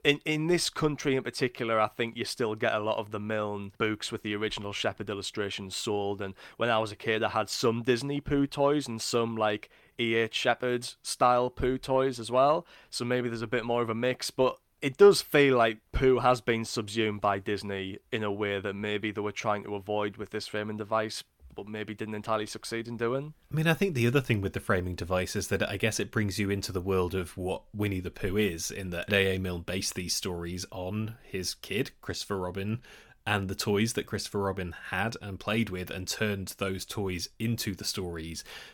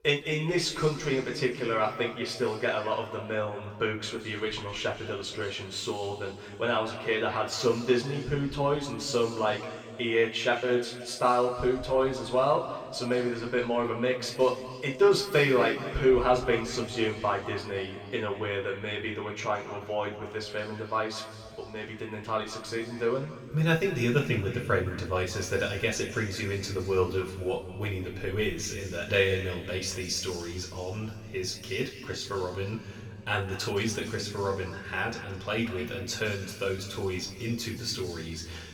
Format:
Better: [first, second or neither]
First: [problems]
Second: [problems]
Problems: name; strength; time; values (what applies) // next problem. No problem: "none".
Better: first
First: none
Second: room echo; noticeable; dies away in 2.2 s // off-mic speech; somewhat distant